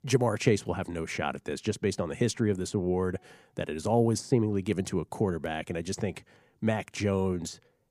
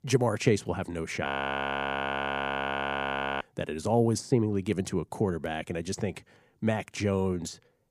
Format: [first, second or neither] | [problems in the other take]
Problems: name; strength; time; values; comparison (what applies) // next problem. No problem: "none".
first | audio freezing; at 1.5 s for 2 s